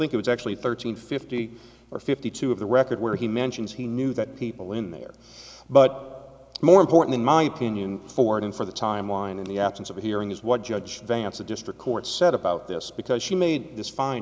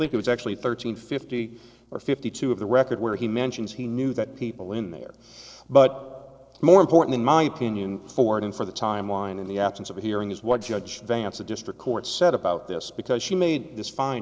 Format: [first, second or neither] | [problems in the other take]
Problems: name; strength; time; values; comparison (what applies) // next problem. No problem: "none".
first | noise reduction (neural separator model SepFormer DNS4)